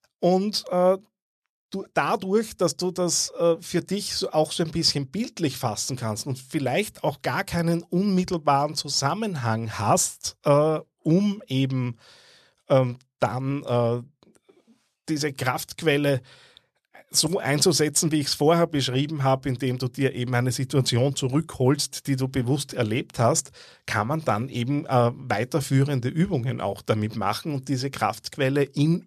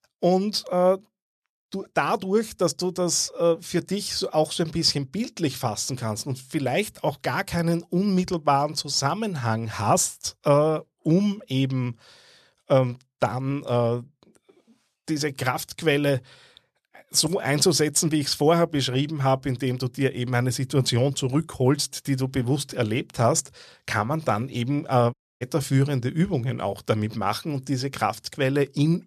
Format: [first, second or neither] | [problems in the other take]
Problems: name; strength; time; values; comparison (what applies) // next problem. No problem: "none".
first | audio cutting out; at 25 s